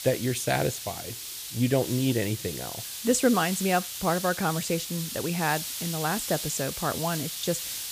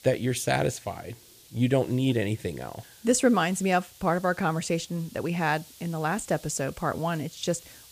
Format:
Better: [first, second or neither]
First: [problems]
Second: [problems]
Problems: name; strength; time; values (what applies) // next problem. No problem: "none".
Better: second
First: hiss; loud; throughout; 5 dB below the speech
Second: hiss; faint; throughout; 20 dB below the speech